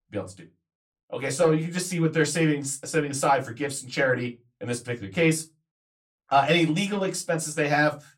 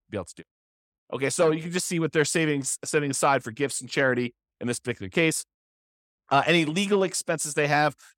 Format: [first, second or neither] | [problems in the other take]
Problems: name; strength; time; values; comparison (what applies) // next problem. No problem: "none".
second | off-mic speech; far // room echo; very slight; dies away in 0.2 s